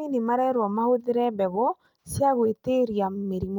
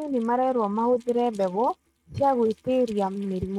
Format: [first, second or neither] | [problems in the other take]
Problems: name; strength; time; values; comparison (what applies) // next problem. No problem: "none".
first | noise reduction (neural mask model RNNoise)